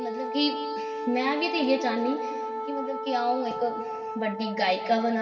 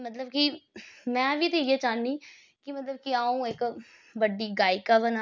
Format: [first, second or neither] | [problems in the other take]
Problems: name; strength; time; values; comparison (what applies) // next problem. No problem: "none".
second | background sound (Wind instrument, woodwind instrument); 5 dB below the speech // room echo; dies away in 2.1 s